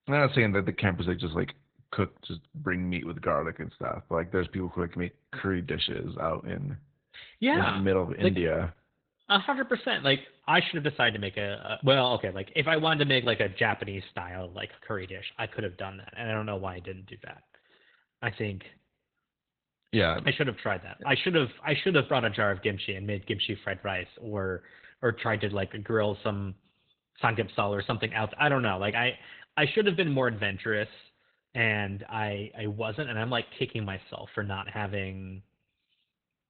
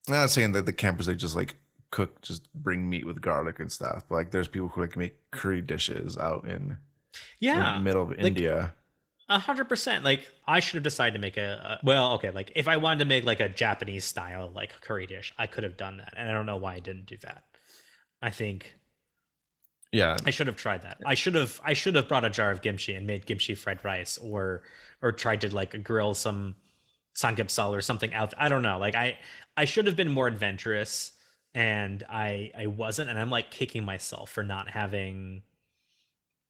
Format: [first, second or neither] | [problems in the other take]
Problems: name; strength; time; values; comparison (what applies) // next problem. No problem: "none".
second | garbled, watery; badly; nothing above 4 kHz; slightly in the second